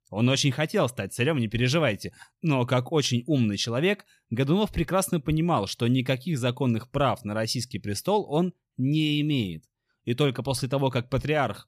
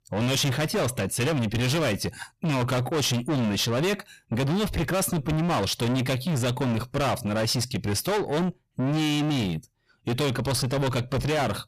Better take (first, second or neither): first